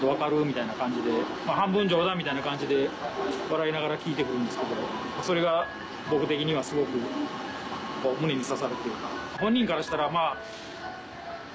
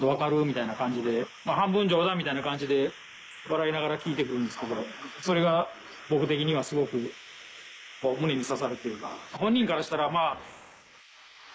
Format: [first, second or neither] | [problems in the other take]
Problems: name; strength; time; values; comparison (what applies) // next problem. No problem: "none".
first | noise reduction (neural mask model Resemble Enhance denoiser)